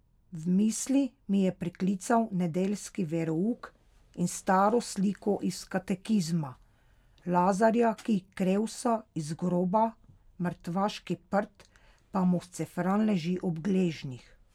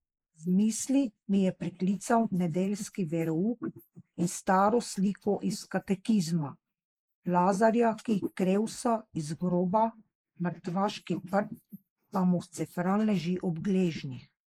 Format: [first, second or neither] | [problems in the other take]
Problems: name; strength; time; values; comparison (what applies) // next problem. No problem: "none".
first | noise reduction (neural mask model Resemble Enhance denoiser)